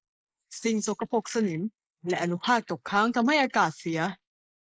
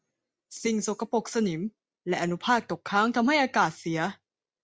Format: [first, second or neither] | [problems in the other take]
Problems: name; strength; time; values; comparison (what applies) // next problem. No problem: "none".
second | noise reduction (neural mask model Resemble Enhance denoiser)